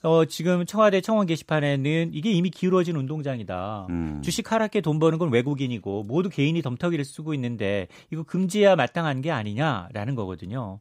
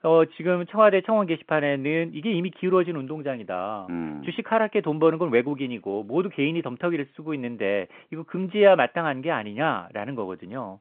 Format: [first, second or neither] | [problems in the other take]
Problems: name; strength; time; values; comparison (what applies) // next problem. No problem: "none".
first | phone-call audio; nothing above 3.5 kHz